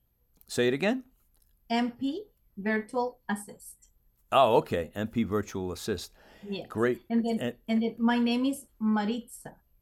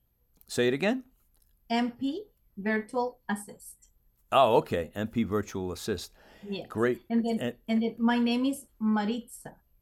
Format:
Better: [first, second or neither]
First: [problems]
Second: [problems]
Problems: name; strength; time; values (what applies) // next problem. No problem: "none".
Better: neither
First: none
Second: none